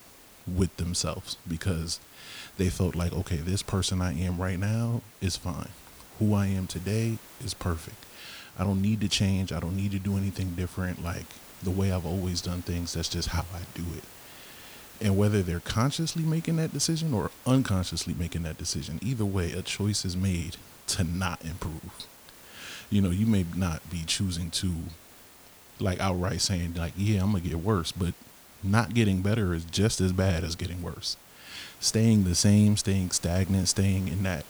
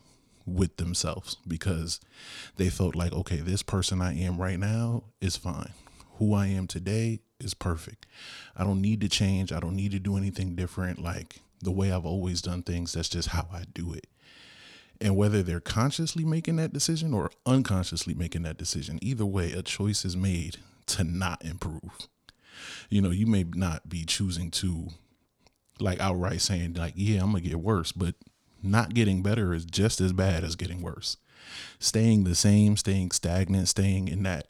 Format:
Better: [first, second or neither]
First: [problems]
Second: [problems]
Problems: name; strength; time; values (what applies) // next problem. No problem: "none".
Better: second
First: hiss; faint; throughout; 20 dB below the speech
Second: none